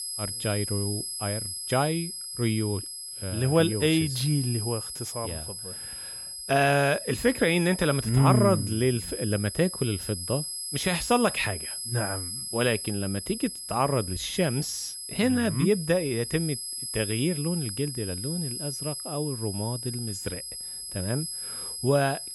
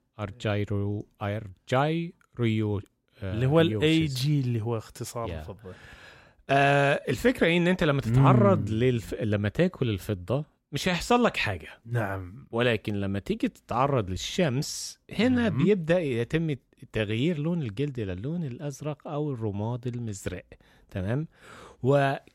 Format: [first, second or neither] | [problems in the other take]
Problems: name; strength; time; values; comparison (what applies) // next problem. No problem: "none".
second | high-pitched whine; loud; throughout; 5 kHz, 6 dB below the speech